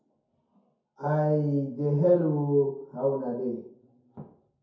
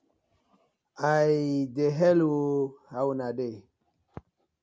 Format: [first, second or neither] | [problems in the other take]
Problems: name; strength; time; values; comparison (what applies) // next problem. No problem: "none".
second | room echo; dies away in 0.6 s